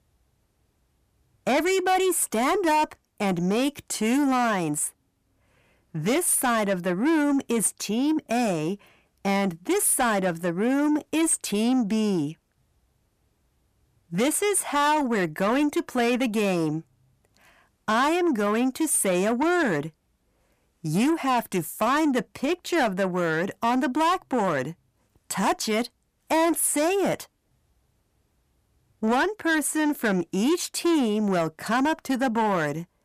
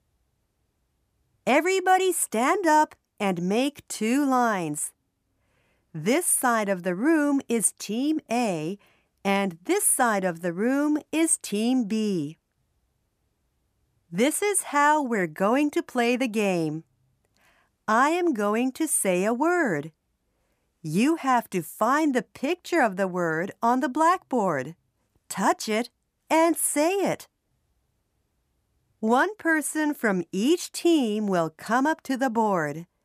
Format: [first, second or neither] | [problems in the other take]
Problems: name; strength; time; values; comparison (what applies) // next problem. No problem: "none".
second | distortion; slight; 10 dB below the speech